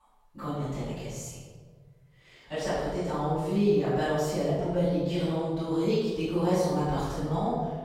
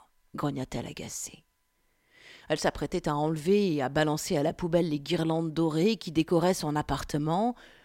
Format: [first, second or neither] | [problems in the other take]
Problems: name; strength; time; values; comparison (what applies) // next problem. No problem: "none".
second | off-mic speech; far // room echo; strong; dies away in 1.7 s